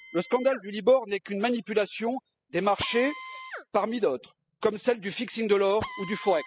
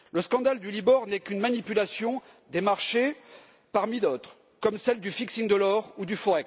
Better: second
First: noise reduction (classical method spectral subtraction)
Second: none

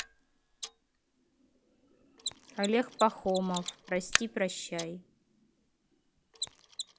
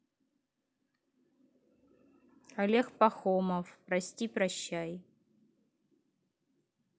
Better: second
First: background sound (Mechanisms); 6 dB below the speech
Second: none

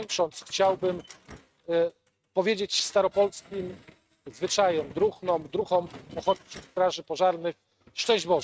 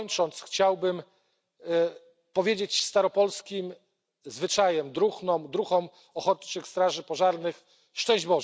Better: second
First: noise reduction (neural mask model RNNoise)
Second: none

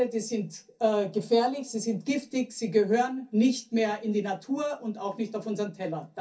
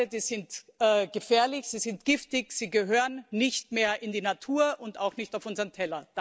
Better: second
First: room echo; dies away in 0.3 s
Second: none

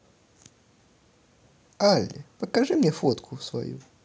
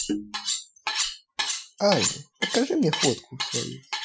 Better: first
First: none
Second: noise reduction (classical method Wiener filter)

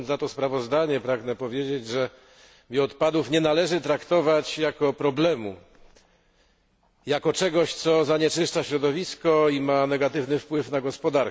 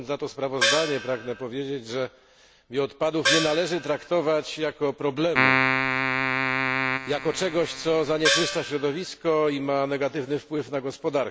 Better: first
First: none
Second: background sound (Keyboard (musical) + Gong); 1 dB above the speech

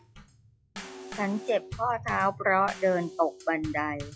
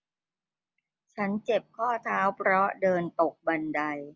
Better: second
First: noise reduction (classical method log-MMSE)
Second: none

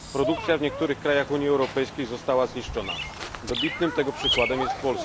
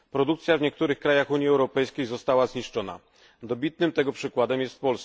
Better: second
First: background sound (Bird vocalization, bird call, bird song); 6 dB below the speech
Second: none

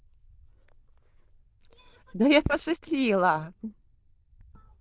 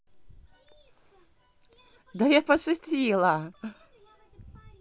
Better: second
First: noise reduction (neural diffusion model UNIVERSE++)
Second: none

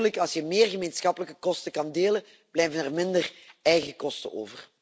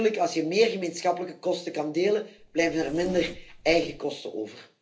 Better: first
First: none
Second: background sound (Zipper (clothing)); 16 dB below the speech // room echo; dies away in 0.3 s

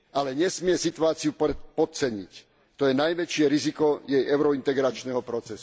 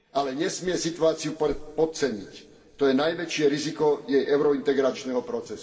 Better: first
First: none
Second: room echo; dies away in 3 s

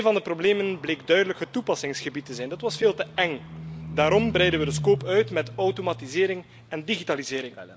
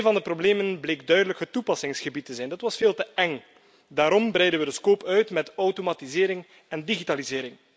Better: second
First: background sound (Livestock, farm animals, working animals); 12 dB below the speech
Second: none

